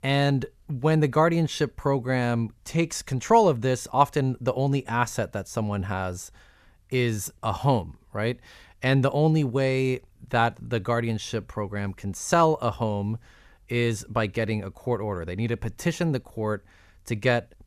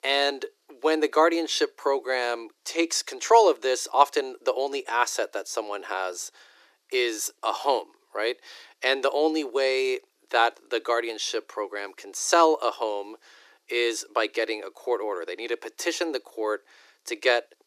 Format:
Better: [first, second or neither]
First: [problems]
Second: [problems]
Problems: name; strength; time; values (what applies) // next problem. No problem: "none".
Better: first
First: none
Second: thin; very; fading below 300 Hz